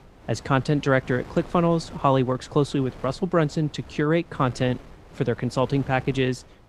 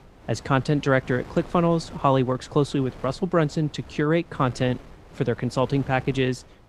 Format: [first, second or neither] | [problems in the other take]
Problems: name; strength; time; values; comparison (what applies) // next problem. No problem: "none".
neither | wind noise on the microphone; occasional gusts; 20 dB below the speech; the same in both